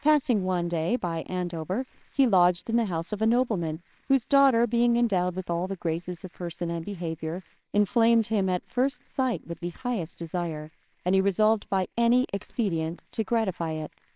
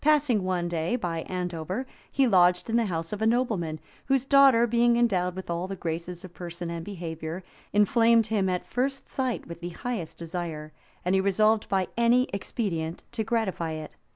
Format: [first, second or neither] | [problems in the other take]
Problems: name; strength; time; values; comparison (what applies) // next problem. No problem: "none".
second | noise reduction (neural separator model SepFormer WHAMR!)